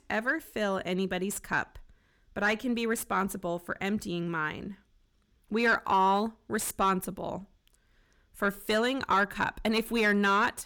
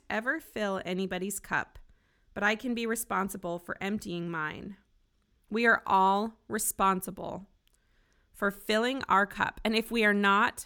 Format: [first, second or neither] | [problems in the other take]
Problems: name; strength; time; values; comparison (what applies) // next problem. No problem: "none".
second | distortion; slight; 10 dB below the speech